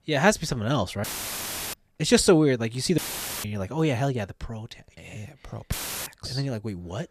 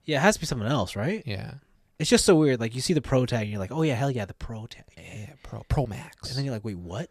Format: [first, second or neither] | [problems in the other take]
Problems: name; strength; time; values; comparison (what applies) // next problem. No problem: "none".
second | audio cutting out; filled with static; at 1 s for 0.5 s, at 3 s and at 5.5 s